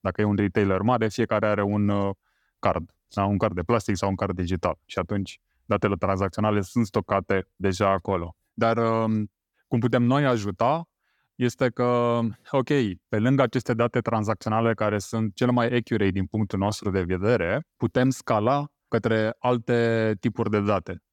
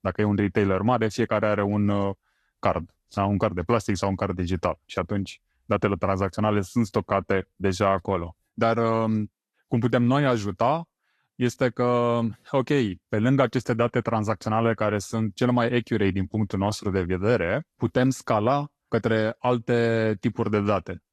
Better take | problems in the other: first | garbled, watery; slightly

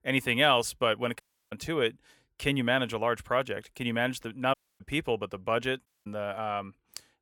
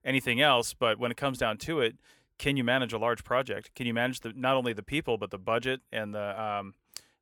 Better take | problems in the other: second | audio cutting out; at 1 s, at 4.5 s and at 6 s

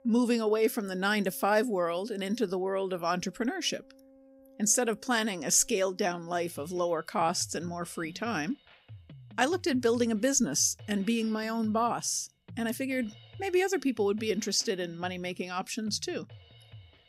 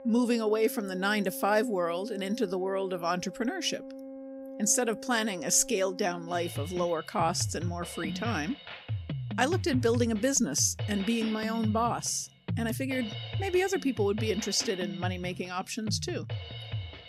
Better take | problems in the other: first | background music; loud; throughout; 10 dB below the speech; faint in the first

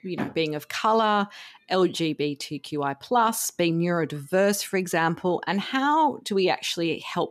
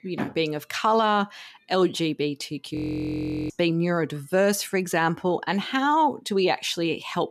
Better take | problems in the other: first | audio freezing; at 3 s for 1 s

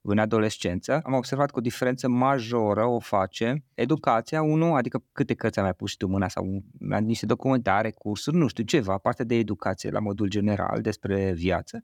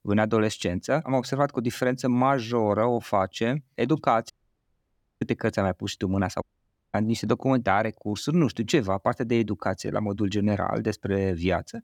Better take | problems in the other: first | audio cutting out; at 4.5 s for 1 s and at 6.5 s for 0.5 s

